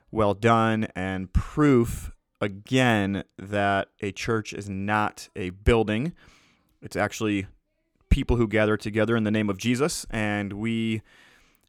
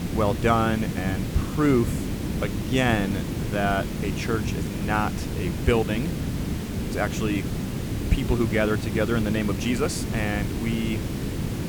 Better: first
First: none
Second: hiss; loud; throughout; 3 dB below the speech

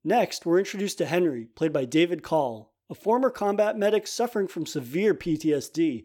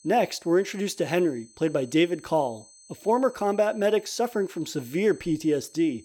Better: first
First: none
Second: high-pitched whine; faint; throughout; 8 kHz, 25 dB below the speech

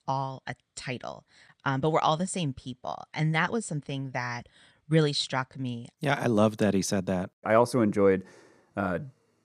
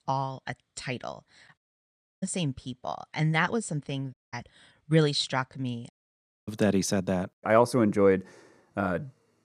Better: first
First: none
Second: audio cutting out; at 1.5 s for 0.5 s, at 4 s and at 6 s for 0.5 s

